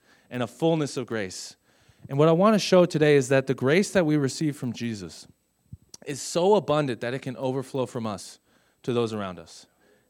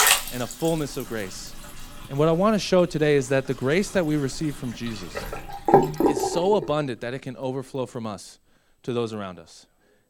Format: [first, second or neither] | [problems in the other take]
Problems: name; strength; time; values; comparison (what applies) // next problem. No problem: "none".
first | household noises; very loud; throughout; 1 dB above the speech